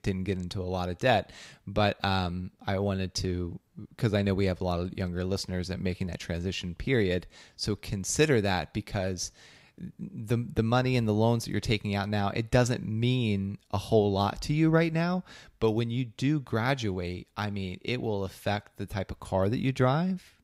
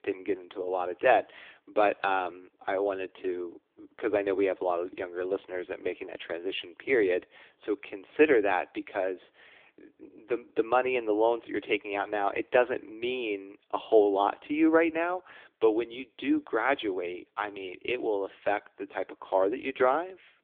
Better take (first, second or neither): first